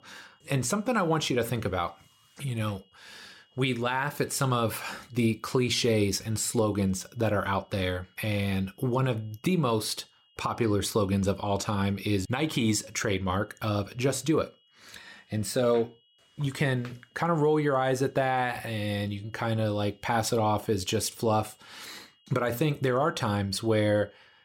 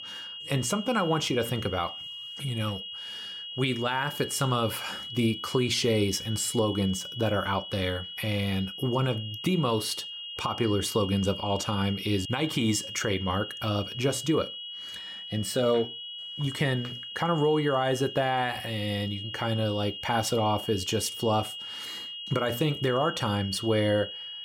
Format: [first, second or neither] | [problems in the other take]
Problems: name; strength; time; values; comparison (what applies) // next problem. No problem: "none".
first | high-pitched whine; loud; throughout; 3 kHz, 8 dB below the speech; faint in the first